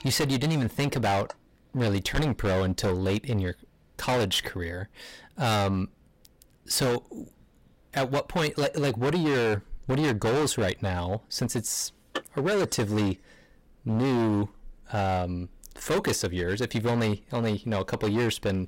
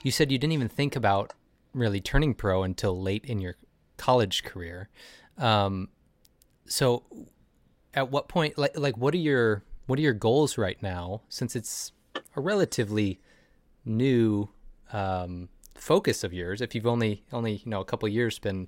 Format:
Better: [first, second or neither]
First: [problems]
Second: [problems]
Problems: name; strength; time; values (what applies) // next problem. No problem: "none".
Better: second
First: distortion; heavy; 17% of the sound clipped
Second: none